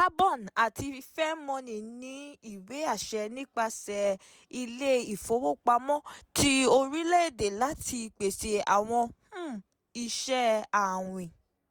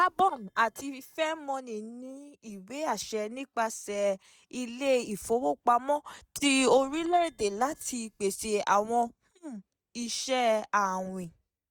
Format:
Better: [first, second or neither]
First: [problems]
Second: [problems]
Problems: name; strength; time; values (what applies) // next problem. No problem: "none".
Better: first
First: none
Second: noise reduction (neural mask model DeepFilterNet 3)